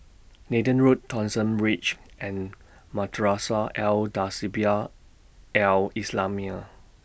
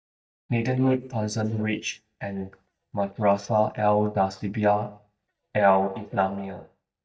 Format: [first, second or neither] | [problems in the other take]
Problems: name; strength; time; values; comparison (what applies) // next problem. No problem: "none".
first | noise reduction (neural mask model DeepFilterNet 3)